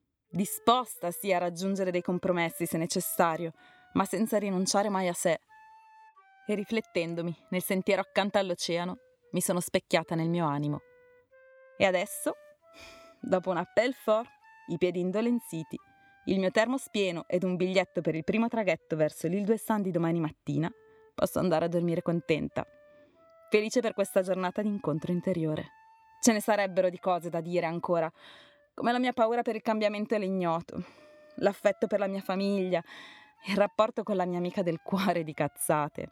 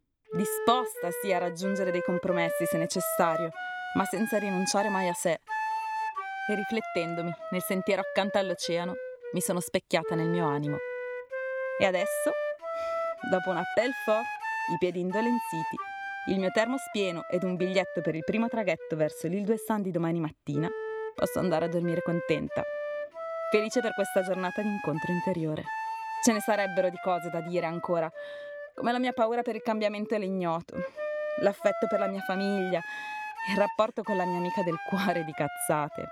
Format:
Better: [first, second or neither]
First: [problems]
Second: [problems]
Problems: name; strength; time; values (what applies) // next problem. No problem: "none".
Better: first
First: background music; faint; throughout; 30 dB below the speech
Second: background music; loud; throughout; 5 dB below the speech